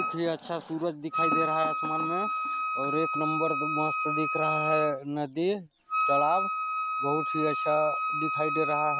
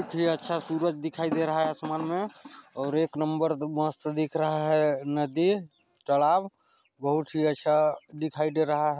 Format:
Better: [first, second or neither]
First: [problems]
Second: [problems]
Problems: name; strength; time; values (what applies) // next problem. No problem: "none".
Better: second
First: background sound (Wind instrument, woodwind instrument); as loud as the speech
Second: none